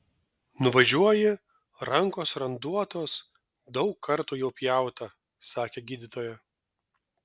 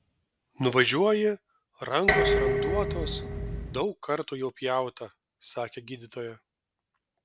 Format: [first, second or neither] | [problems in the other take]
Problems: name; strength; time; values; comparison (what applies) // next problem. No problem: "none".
first | background sound (Dishes, pots, and pans); 2 dB above the speech